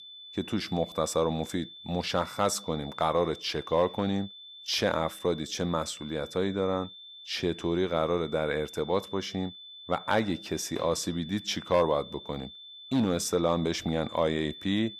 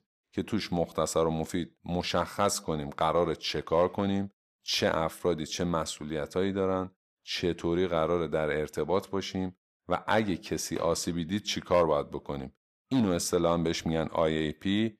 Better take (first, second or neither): second